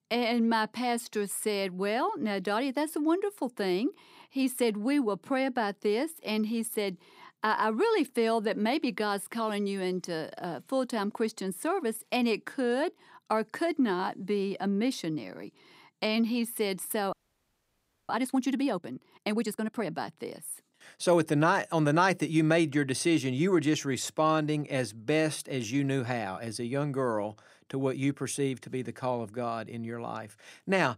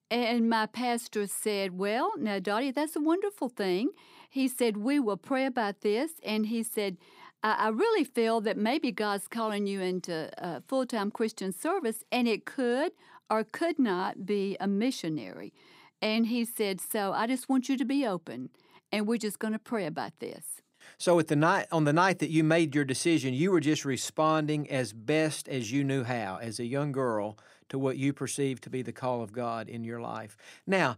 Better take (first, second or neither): second